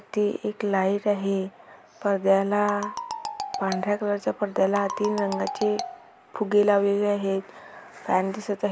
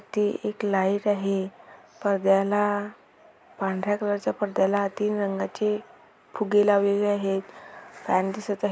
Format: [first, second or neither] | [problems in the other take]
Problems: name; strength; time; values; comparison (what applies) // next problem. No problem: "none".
second | background sound (Marimba, xylophone); 10 dB below the speech